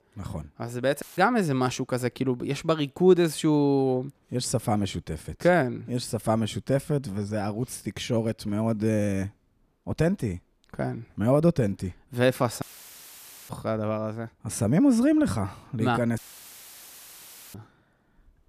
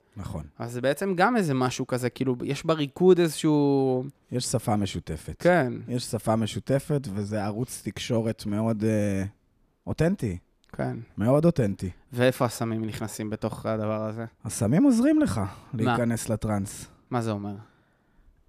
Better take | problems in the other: second | audio cutting out; filled with static; at 1 s, at 13 s for 1 s and at 16 s for 1.5 s

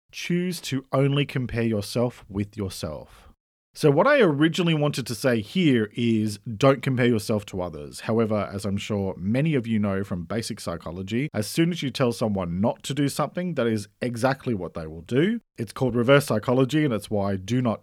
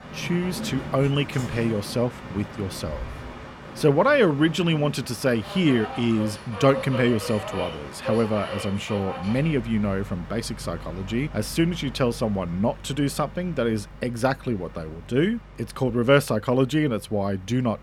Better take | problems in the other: first | train or aircraft noise; noticeable; throughout; 10 dB below the speech

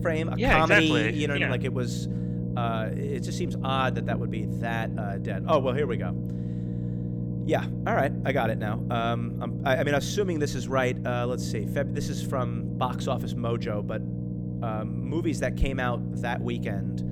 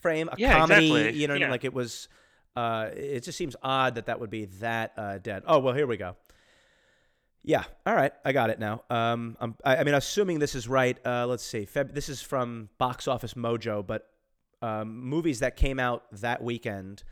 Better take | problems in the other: second | low rumble; noticeable; throughout; 10 dB below the speech

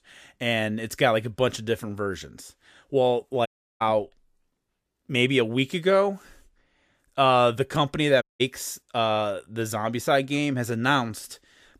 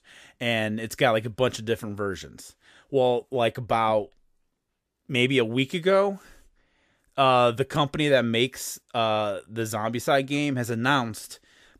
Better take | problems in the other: second | audio cutting out; at 3.5 s and at 8 s

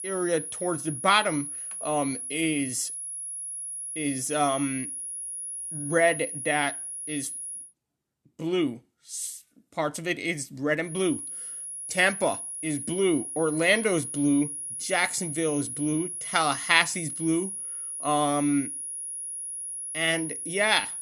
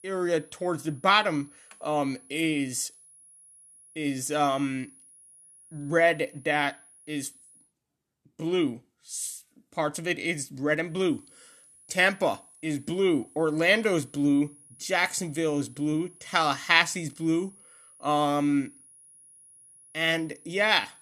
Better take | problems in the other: second | high-pitched whine; loud; until 7.5 s and from 11 s on; 10.5 kHz, 6 dB below the speech; faint in the second

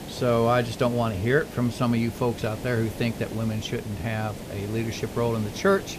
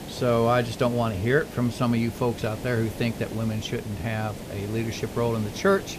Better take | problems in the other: neither | hiss; noticeable; throughout; 10 dB below the speech; the same in both

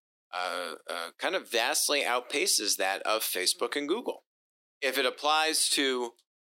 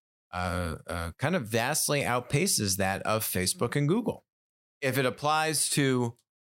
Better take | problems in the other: second | thin; somewhat; fading below 300 Hz

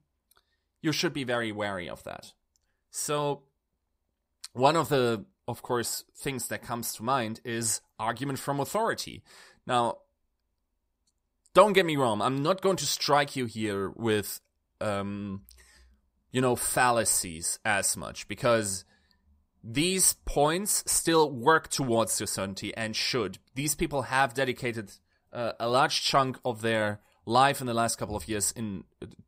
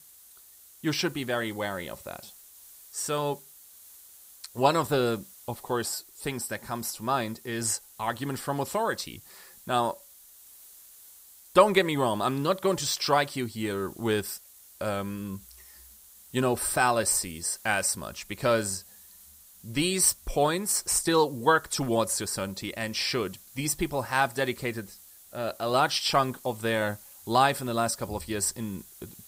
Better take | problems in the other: first | hiss; faint; throughout; 20 dB below the speech

